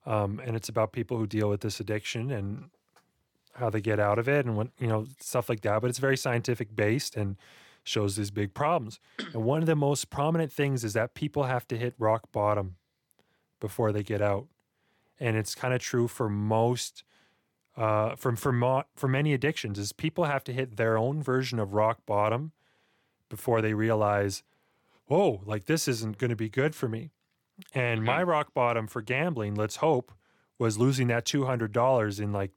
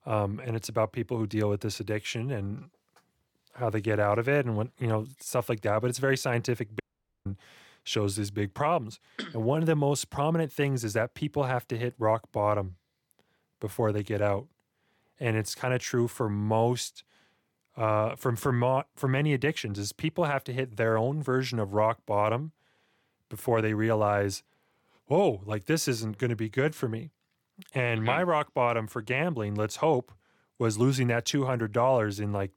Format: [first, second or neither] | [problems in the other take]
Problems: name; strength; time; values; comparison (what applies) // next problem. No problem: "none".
first | audio cutting out; at 7 s